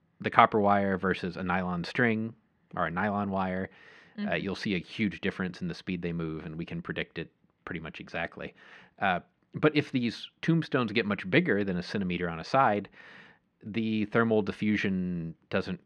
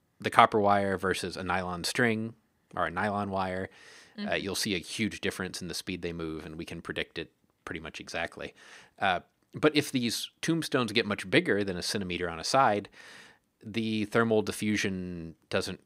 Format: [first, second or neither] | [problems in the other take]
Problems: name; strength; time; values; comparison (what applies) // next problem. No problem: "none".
second | muffled; slightly; fading above 2.5 kHz